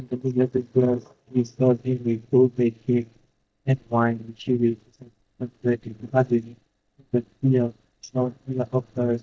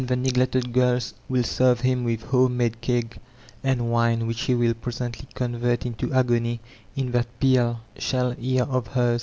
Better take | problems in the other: second | noise reduction (neural mask model DeepFilterNet 3)

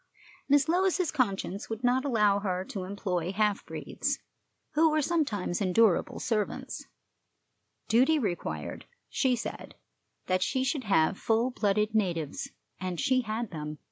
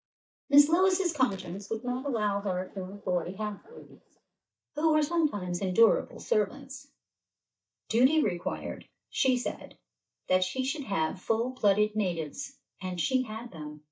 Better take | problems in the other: first | noise reduction (neural mask model DeepFilterNet 3)

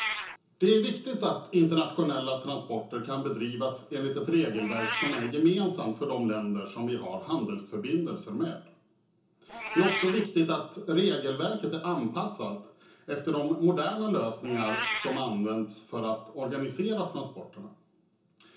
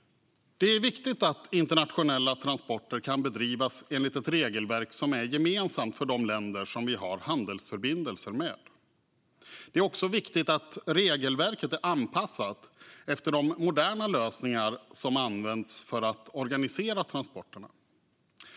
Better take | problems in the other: second | background sound (Meow); 12 dB below the speech // room echo; dies away in 0.6 s

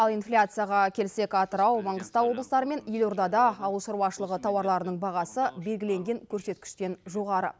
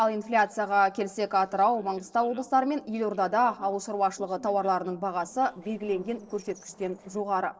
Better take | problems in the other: first | noise reduction (neural separator model SepFormer DNS4)

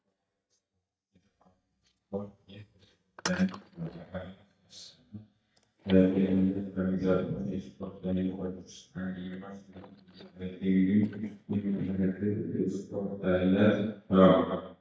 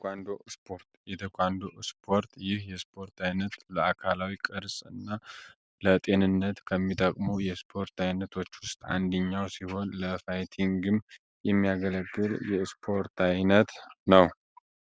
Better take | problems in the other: second | noise reduction (neural mask model DeepFilterNet 3)

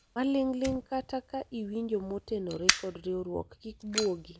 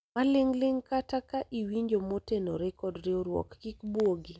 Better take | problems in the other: second | background sound (Fire); 5 dB below the speech

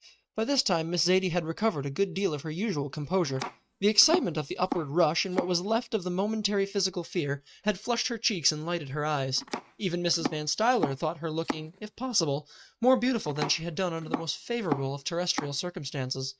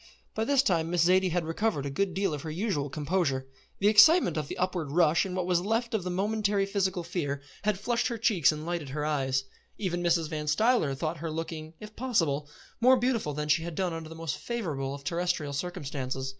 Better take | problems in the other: second | noise reduction (neural mask model RNNoise)

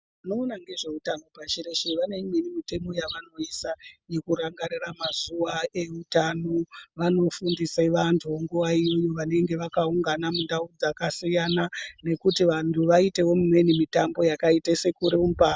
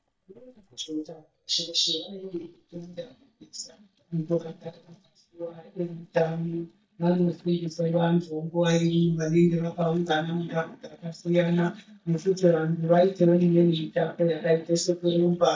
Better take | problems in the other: first | noise reduction (neural mask model DeepFilterNet 3)

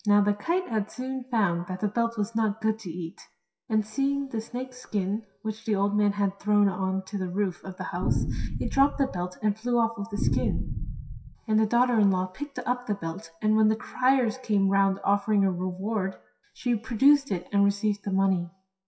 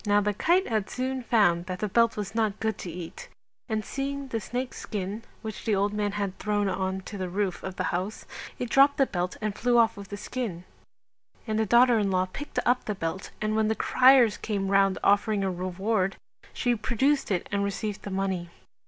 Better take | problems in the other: second | noise reduction (classical method WPE with log-MMSE)

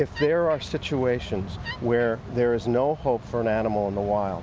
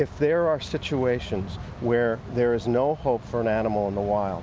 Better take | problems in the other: second | background sound (Wood); 15 dB below the speech

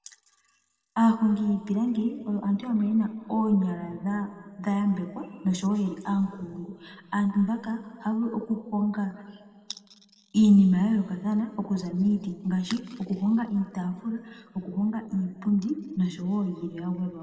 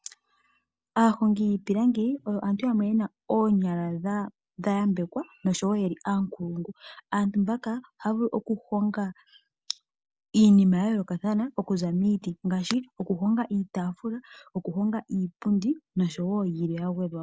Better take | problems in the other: second | room echo; dies away in 2 s

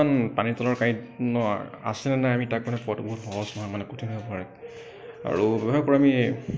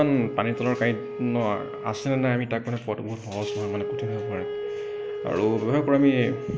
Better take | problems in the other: first | background sound (Wind instrument, woodwind instrument); 8 dB below the speech

